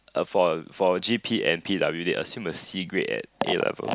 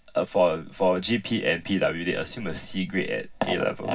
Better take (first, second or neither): first